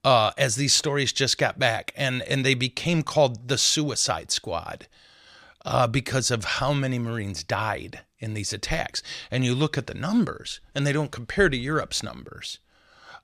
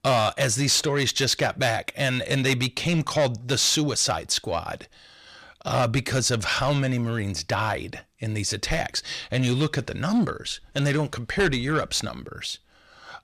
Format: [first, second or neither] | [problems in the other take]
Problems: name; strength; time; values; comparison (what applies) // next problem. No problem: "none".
first | distortion; slight; 10 dB below the speech